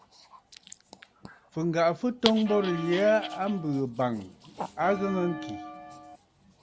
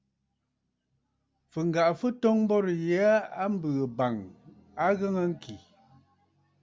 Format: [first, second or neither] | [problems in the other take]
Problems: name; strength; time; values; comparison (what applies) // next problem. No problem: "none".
second | background sound (Bell + Dog); 11 dB below the speech